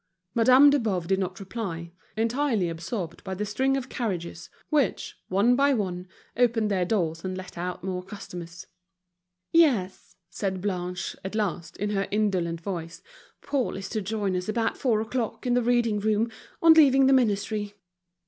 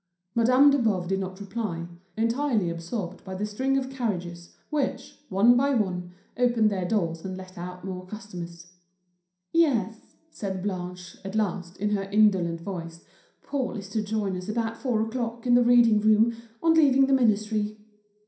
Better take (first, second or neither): first